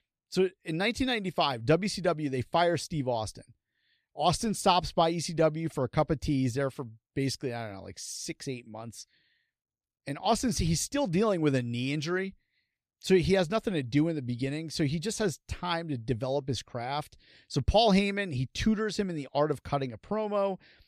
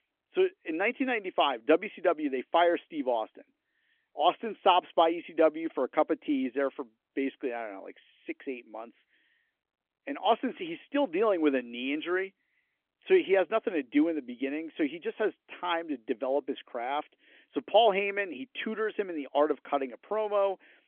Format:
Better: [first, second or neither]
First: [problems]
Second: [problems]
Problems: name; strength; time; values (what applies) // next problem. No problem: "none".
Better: first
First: none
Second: phone-call audio; nothing above 3.5 kHz